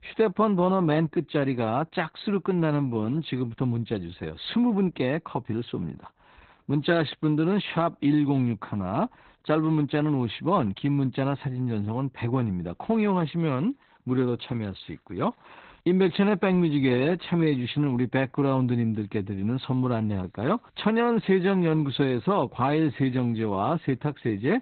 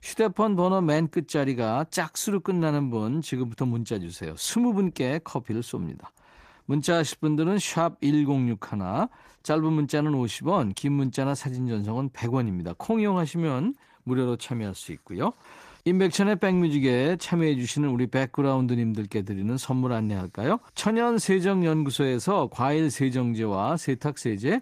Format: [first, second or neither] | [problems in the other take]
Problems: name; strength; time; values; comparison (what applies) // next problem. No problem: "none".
second | garbled, watery; badly; nothing above 4 kHz; slightly in the second